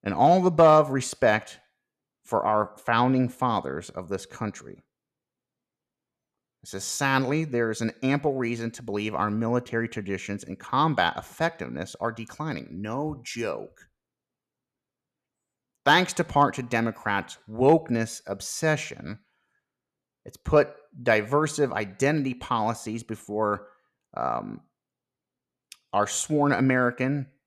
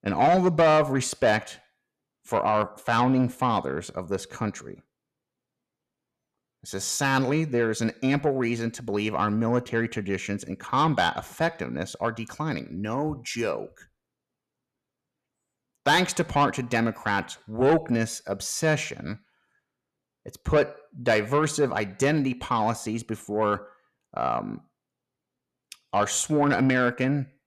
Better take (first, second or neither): first